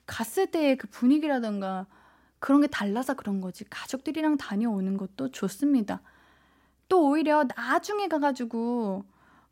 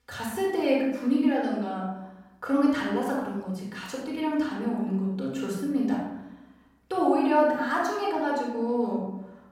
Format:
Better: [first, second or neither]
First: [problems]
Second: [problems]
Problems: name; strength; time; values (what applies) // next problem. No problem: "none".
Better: first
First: none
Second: off-mic speech; far // room echo; noticeable; dies away in 0.8 s